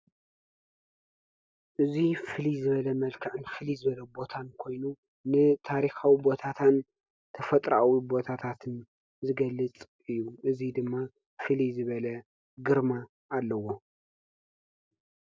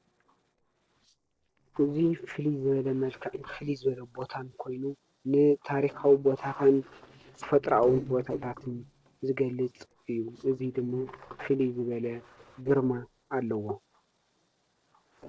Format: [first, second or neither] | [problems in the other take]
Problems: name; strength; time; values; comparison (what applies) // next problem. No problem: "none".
first | noise reduction (neural separator model SepFormer DNS4)